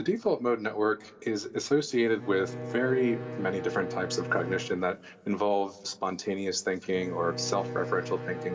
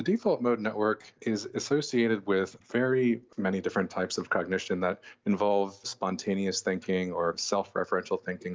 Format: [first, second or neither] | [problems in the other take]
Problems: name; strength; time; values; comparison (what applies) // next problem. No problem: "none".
second | background sound (Bowed string instrument); 10 dB below the speech // room echo; dies away in 1.9 s